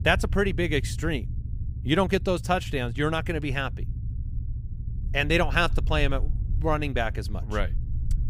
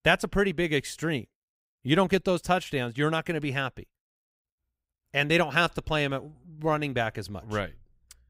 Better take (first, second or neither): second